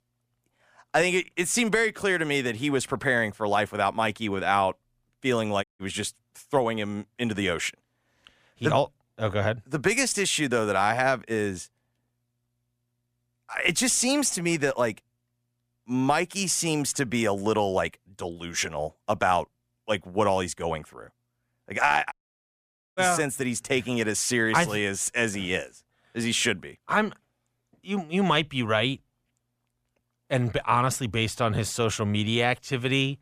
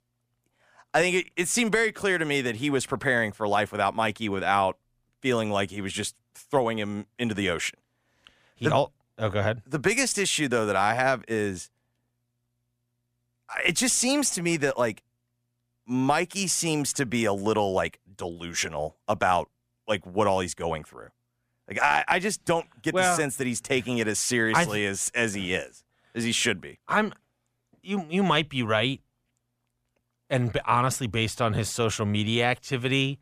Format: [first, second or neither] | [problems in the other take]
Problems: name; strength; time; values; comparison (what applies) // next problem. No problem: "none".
second | audio cutting out; at 5.5 s and at 22 s for 1 s